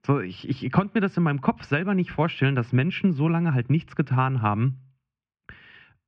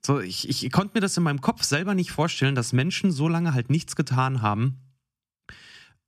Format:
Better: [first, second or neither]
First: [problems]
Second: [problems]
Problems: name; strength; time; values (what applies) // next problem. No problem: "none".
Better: second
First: muffled; very; fading above 2.5 kHz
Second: none